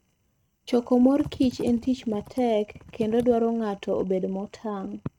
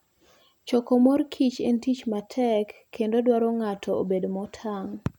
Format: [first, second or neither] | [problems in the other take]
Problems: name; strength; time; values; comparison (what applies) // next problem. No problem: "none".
second | noise reduction (neural mask model RNNoise)